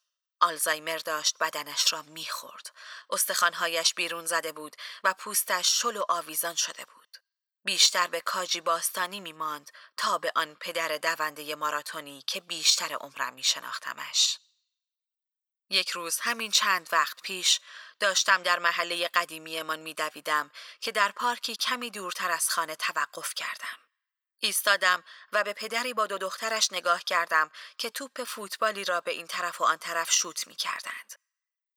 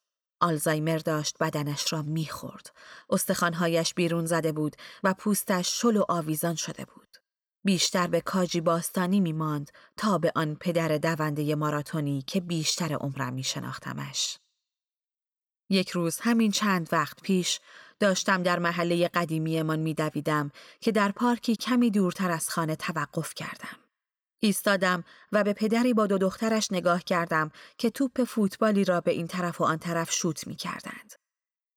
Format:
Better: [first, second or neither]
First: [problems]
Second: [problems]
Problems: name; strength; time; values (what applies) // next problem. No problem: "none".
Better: second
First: thin; very; fading below 950 Hz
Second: none